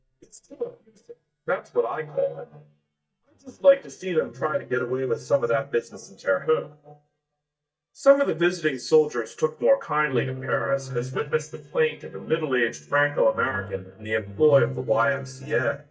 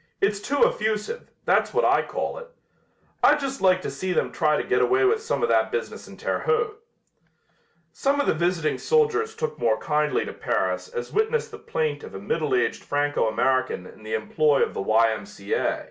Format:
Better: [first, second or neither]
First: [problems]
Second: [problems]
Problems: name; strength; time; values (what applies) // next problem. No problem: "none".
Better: second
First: noise reduction (neural mask model DeepFilterNet 3)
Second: none